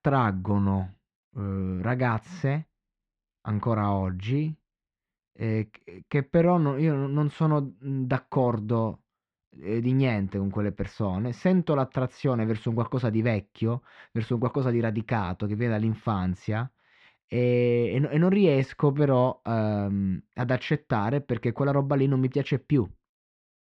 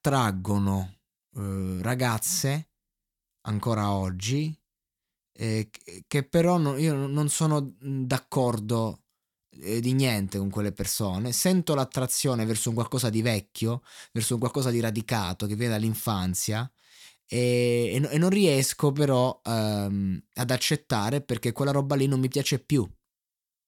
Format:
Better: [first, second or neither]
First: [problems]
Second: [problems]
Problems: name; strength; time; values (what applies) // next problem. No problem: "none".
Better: second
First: muffled; very; fading above 2.5 kHz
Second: none